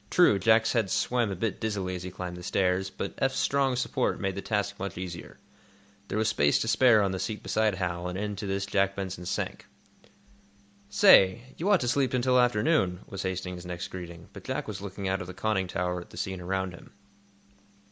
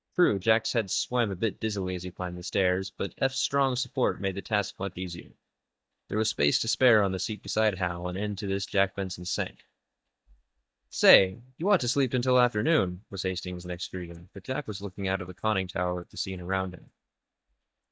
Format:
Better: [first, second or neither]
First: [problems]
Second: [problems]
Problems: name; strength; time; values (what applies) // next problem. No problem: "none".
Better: first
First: none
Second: noise reduction (neural mask model DeepFilterNet 3)